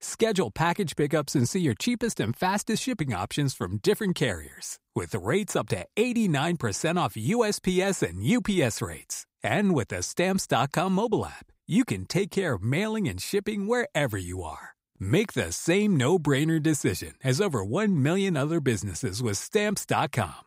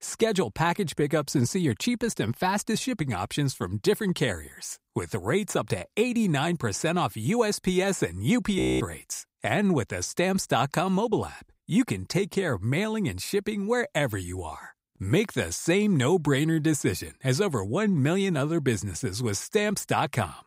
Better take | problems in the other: first | audio freezing; at 8.5 s

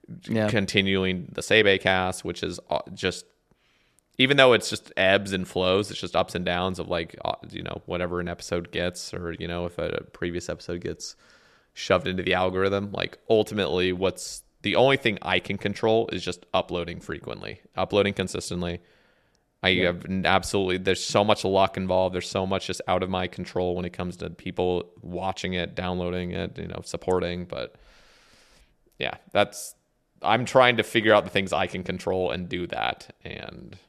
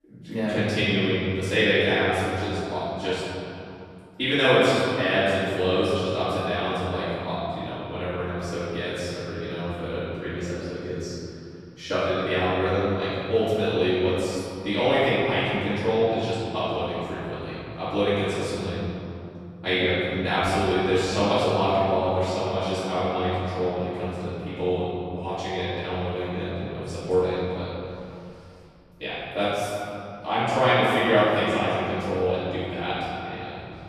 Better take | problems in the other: first | room echo; strong; dies away in 2.8 s // off-mic speech; far

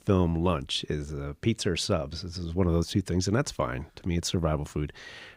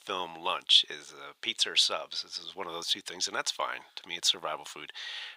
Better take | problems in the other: first | thin; very; fading below 950 Hz

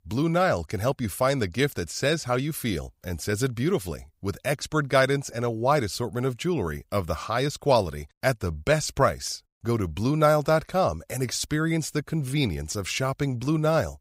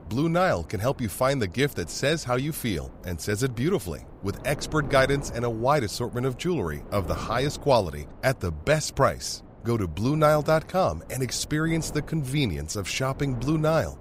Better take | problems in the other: first | wind noise on the microphone; occasional gusts; 20 dB below the speech

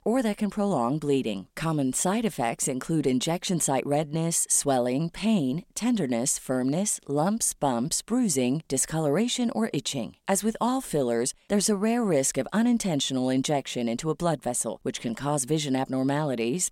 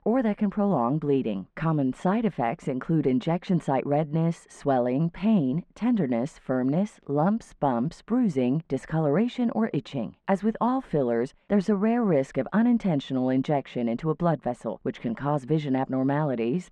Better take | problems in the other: first | muffled; very; fading above 1.5 kHz

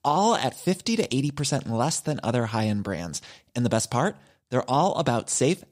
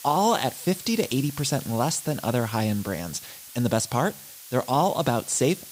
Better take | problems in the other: first | hiss; noticeable; throughout; 15 dB below the speech

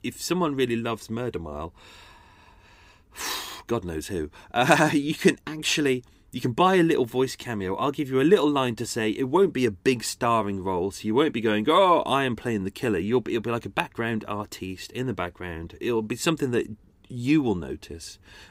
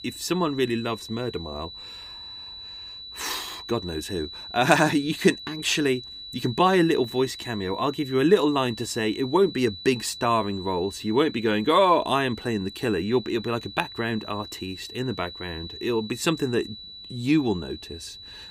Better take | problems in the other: first | high-pitched whine; noticeable; throughout; 4 kHz, 15 dB below the speech

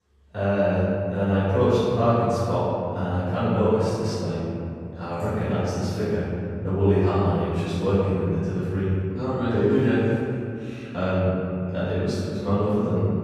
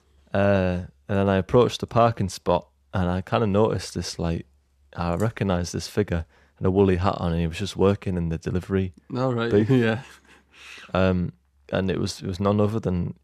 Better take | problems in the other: second | off-mic speech; far // room echo; strong; dies away in 2.5 s

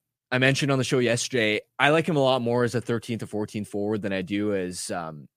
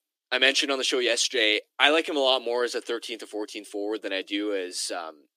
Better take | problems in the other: first | thin; somewhat; fading below 300 Hz

